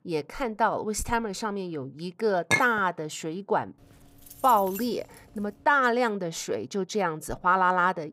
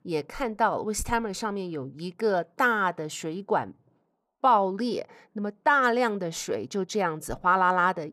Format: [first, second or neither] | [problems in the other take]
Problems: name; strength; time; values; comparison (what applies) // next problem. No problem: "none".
second | clattering dishes; loud; at 2.5 s; peak 1 dB above the speech // jangling keys; faint; from 4 to 5.5 s; peak 10 dB below the speech